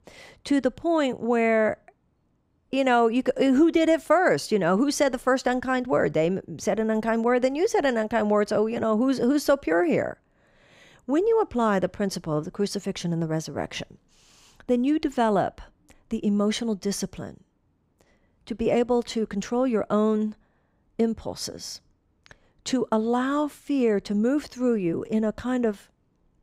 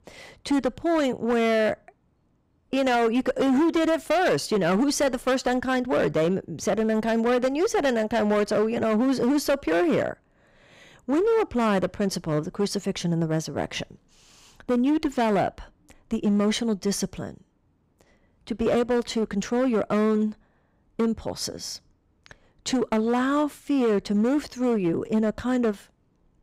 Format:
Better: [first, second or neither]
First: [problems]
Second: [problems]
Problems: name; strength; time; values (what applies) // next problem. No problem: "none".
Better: first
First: none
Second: distortion; slight; 11% of the sound clipped